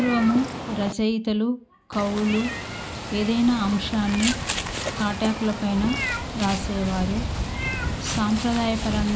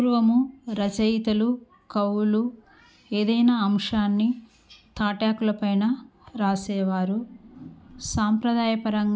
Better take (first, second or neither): second